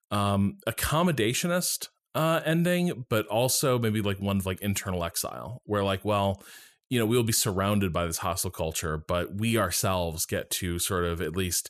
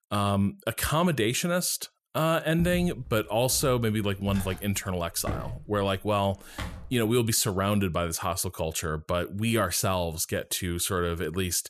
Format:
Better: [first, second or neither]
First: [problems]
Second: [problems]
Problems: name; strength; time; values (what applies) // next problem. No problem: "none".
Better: first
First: none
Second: footsteps; noticeable; from 2.5 to 7 s; peak 8 dB below the speech